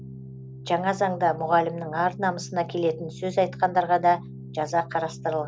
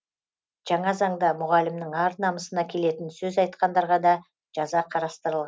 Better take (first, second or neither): second